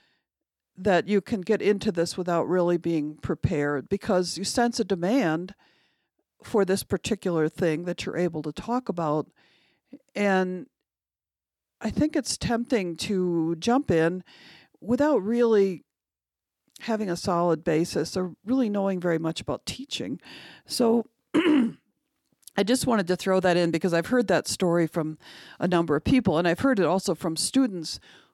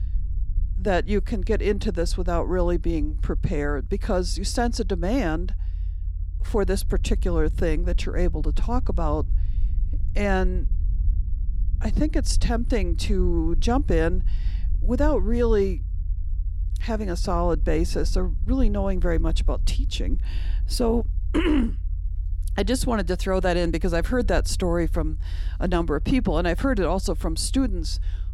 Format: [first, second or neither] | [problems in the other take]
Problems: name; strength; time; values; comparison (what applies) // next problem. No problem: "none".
first | low rumble; faint; throughout; 25 dB below the speech